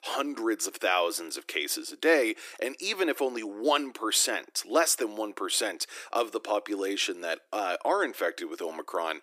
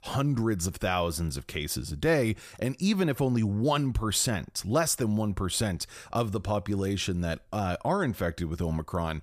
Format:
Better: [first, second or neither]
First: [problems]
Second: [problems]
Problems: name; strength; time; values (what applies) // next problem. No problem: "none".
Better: second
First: thin; very; fading below 300 Hz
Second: none